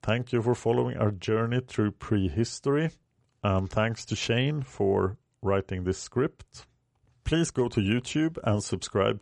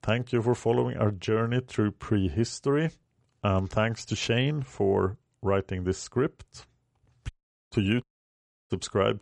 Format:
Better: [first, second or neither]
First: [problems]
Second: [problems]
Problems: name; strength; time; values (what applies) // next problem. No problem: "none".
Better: first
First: none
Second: audio cutting out; at 7.5 s and at 8 s for 0.5 s